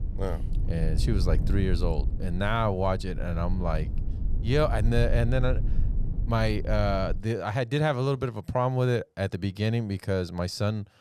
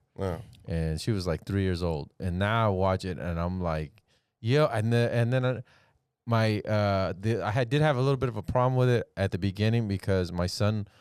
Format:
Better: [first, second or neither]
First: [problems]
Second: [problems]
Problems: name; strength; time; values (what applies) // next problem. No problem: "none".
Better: second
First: low rumble; noticeable; until 7 s; 15 dB below the speech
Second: none